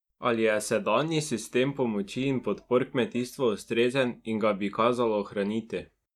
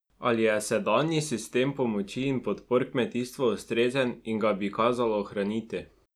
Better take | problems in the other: second | noise reduction (neural mask model DeepFilterNet 3)

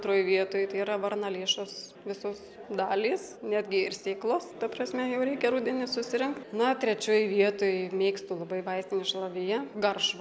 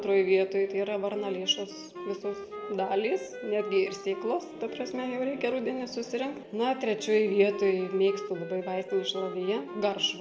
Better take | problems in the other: first | background sound (Wind instrument, woodwind instrument); 14 dB below the speech // room echo; dies away in 0.4 s

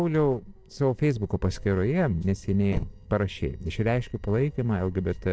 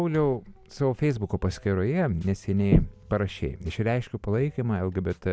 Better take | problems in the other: second | noise reduction (neural separator model SepFormer DNS4)

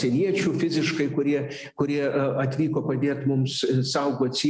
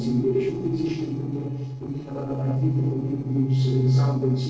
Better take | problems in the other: first | noise reduction (neural separator model SepFormer DNS4)

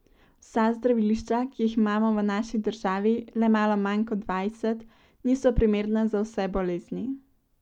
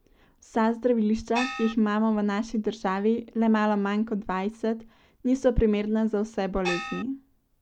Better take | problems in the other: first | background sound (Gong); 6 dB below the speech

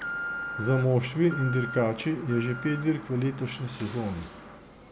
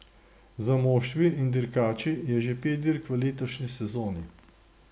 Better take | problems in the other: second | background sound (Alarm); 10 dB below the speech

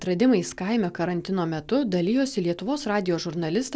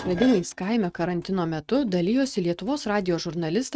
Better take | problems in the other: first | noise reduction (neural mask model RNNoise)

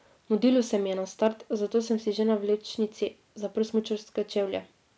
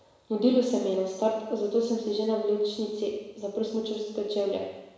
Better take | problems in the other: first | room echo; dies away in 1 s

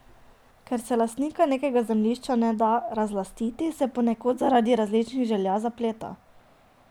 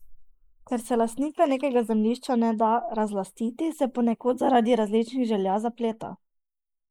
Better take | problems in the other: first | noise reduction (neural mask model Resemble Enhance denoiser)

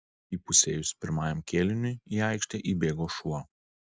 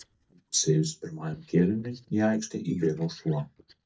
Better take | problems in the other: first | noise reduction (neural mask model DeepFilterNet 3)

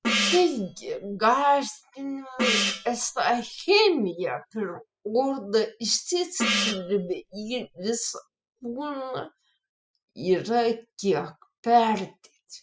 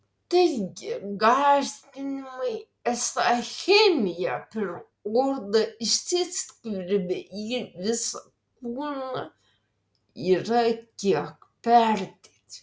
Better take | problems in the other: second | noise reduction (classical method spectral subtraction)

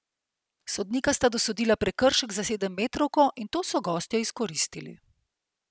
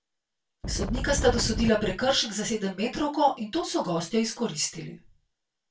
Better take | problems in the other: first | background sound (Wind); 2 dB below the speech // room echo; dies away in 0.2 s

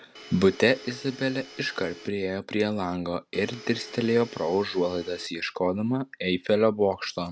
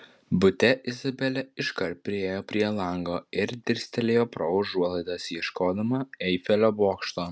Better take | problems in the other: second | background sound (Domestic sounds, home sounds); 18 dB below the speech

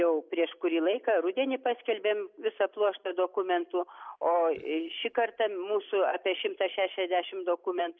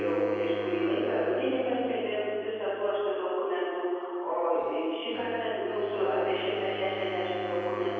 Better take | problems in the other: first | background sound (Wind instrument, woodwind instrument); 14 dB below the speech // room echo; dies away in 2 s

